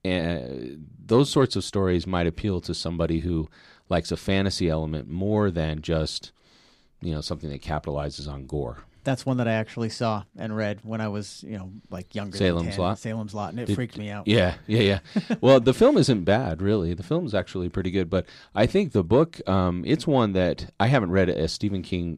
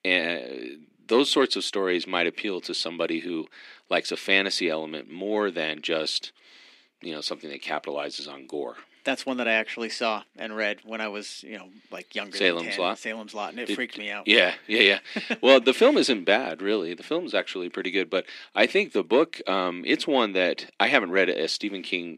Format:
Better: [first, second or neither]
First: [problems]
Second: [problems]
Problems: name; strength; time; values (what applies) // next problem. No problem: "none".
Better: first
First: none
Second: thin; somewhat; fading below 250 Hz